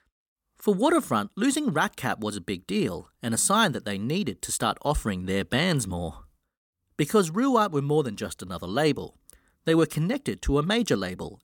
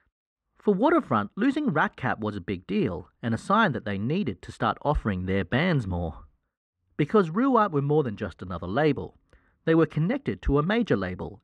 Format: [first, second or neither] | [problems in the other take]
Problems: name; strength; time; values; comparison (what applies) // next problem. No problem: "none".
first | muffled; very; fading above 2 kHz